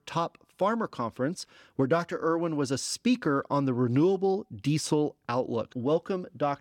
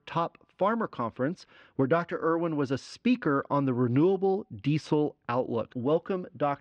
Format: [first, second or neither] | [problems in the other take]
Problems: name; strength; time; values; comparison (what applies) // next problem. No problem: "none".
first | muffled; slightly; fading above 2.5 kHz